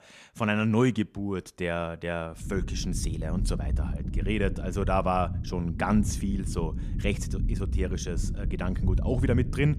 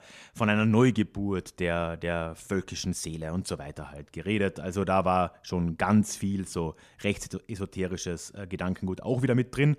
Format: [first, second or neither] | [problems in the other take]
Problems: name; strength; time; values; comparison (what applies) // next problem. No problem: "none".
second | low rumble; noticeable; from 2.5 s on; 15 dB below the speech